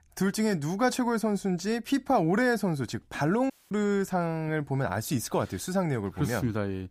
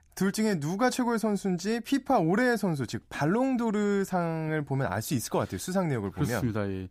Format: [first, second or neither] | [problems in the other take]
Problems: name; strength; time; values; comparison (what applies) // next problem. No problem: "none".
second | audio cutting out; at 3.5 s